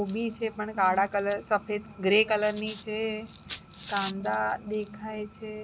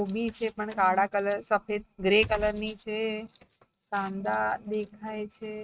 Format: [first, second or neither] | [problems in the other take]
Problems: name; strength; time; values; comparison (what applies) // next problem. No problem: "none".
first | noise reduction (neural mask model RNNoise)